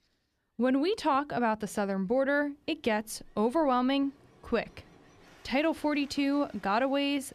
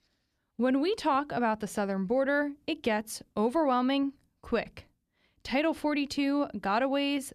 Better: second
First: rain or running water; faint; throughout; 30 dB below the speech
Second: none

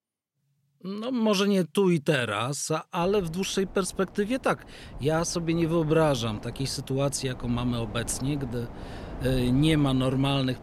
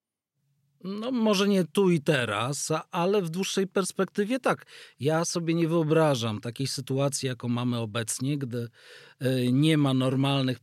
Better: second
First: wind noise on the microphone; occasional gusts; from 3 s on; 15 dB below the speech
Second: none

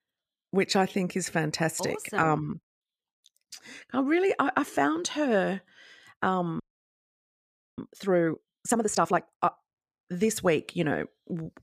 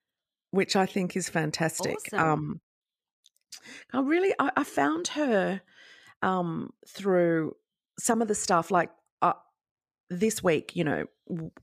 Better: second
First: audio freezing; at 6.5 s for 1 s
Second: none

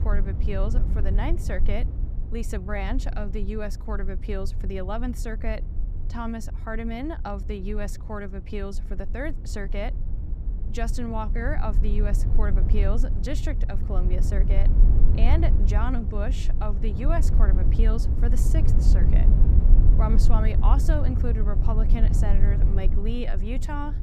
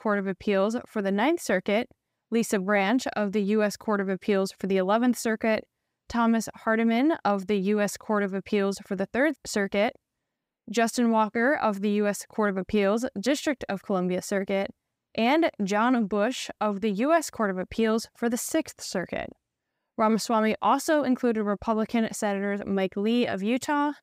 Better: second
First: low rumble; loud; throughout; 7 dB below the speech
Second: none

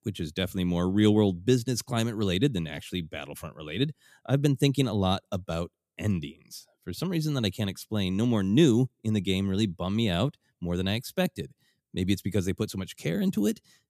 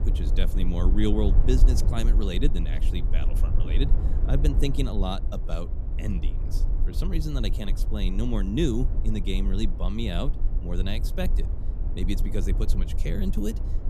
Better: first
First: none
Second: low rumble; loud; throughout; 9 dB below the speech

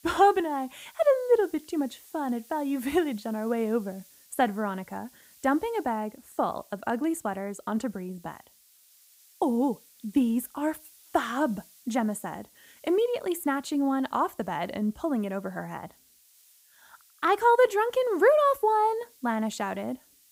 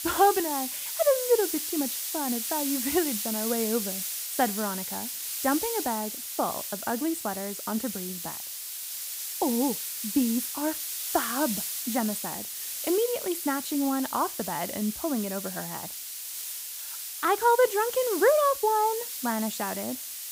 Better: first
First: hiss; faint; throughout; 25 dB below the speech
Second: hiss; loud; throughout; 3 dB below the speech

